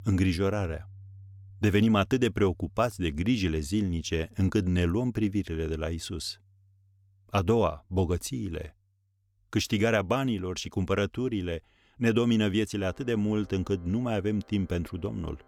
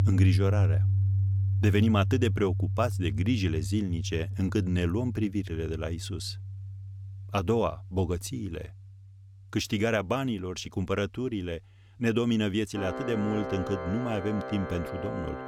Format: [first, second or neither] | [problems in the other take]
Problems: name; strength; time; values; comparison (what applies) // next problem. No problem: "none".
first | background music; loud; throughout; 1 dB below the speech; faint in the first